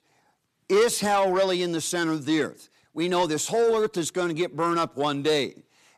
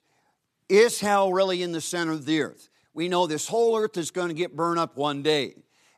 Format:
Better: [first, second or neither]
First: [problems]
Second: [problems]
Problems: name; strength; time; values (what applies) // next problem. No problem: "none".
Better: second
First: distortion; slight; 10 dB below the speech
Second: none